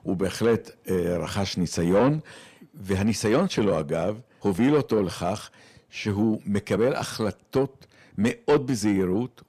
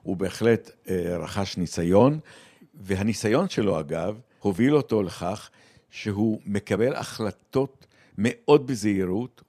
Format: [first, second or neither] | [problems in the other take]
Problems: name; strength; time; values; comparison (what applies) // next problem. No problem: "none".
second | distortion; slight; 10 dB below the speech